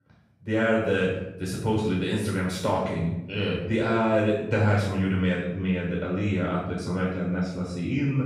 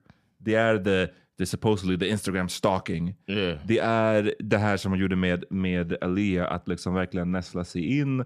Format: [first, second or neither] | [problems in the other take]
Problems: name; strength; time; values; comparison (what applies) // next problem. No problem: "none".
second | off-mic speech; far // room echo; noticeable; dies away in 0.7 s